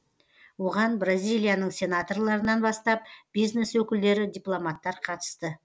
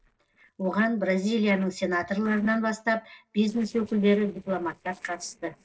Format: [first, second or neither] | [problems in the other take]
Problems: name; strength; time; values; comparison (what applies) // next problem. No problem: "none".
first | noise reduction (neural separator model SepFormer DNS4)